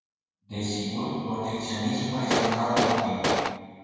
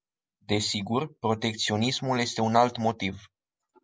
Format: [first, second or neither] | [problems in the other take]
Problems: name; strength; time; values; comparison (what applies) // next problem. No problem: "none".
second | background sound (Gunshot, gunfire); 3 dB above the speech // room echo; dies away in 2.1 s